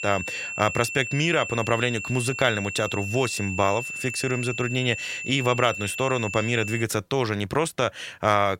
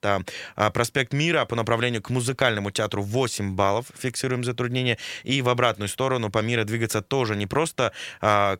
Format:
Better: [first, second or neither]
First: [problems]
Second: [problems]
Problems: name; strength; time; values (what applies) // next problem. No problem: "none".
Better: second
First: high-pitched whine; loud; until 7 s; 2.5 kHz, 6 dB below the speech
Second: none